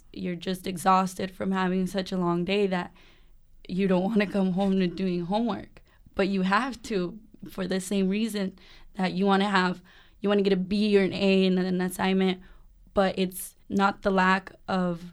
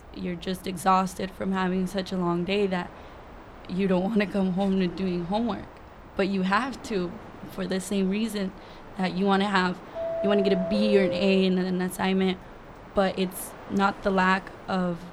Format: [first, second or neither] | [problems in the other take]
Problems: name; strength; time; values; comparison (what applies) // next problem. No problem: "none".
first | train or aircraft noise; noticeable; throughout; 15 dB below the speech